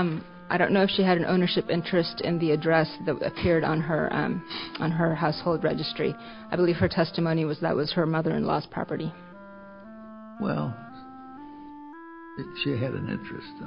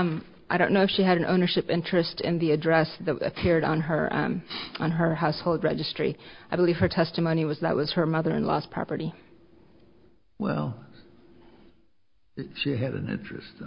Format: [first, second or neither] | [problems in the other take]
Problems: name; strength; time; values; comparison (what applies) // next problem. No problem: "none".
second | background sound (Wind instrument, woodwind instrument); 17 dB below the speech